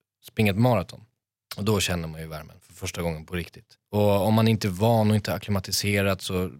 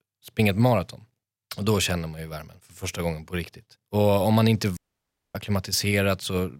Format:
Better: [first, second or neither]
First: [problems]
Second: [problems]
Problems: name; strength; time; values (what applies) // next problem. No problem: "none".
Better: first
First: none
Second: audio cutting out; at 5 s for 0.5 s